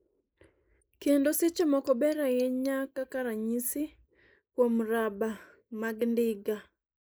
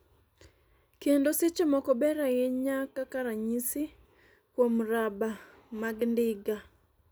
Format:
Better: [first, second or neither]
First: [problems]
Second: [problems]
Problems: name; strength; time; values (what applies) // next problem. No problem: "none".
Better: second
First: noise reduction (neural mask model Resemble Enhance denoiser)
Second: none